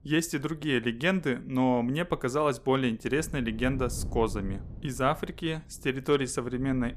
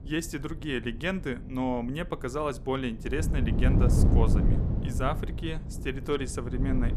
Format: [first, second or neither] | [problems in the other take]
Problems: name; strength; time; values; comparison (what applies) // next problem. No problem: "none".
first | wind noise on the microphone; heavy; 5 dB below the speech; occasional gusts in the first